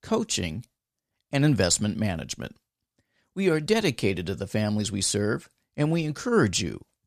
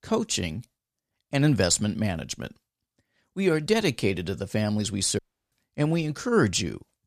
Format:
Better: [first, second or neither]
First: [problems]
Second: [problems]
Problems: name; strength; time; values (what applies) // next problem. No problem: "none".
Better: first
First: none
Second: audio cutting out; at 5 s